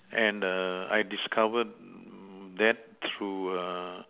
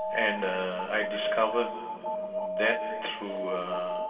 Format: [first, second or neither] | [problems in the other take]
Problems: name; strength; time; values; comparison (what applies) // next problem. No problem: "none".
first | background sound (Alarm); 2 dB below the speech // room echo; dies away in 2.5 s